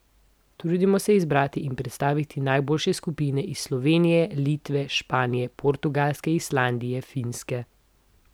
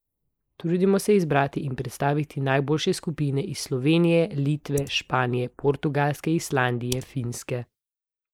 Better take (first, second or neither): first